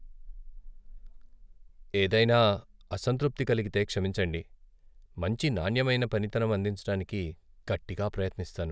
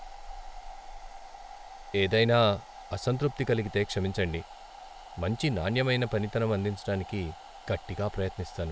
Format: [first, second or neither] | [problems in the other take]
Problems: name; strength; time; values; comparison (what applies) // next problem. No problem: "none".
first | background sound (Domestic sounds, home sounds); 17 dB below the speech